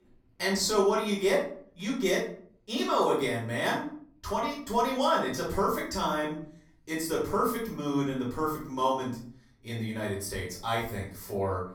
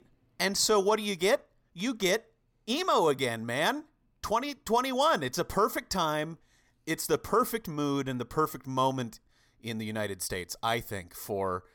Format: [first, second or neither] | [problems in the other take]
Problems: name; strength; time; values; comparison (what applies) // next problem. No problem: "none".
second | off-mic speech; far // room echo; noticeable; dies away in 0.5 s